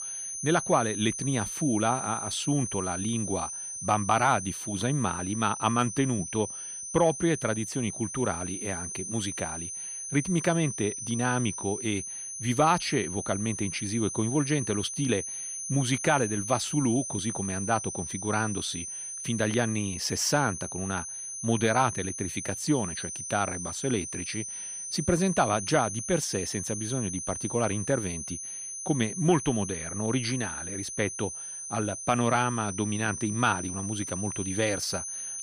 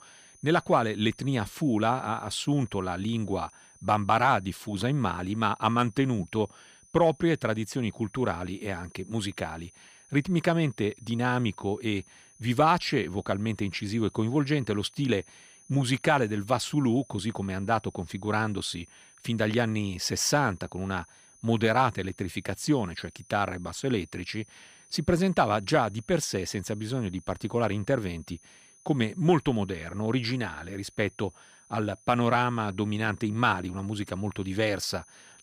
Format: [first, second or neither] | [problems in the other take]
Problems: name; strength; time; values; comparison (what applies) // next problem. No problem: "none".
second | high-pitched whine; loud; throughout; 6 kHz, 5 dB below the speech; faint in the second